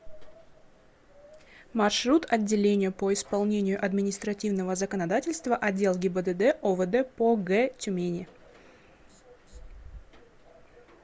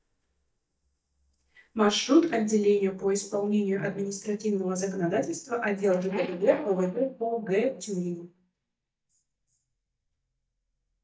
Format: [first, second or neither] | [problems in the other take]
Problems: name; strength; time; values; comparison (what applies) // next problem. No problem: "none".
first | noise reduction (neural mask model DeepFilterNet 3)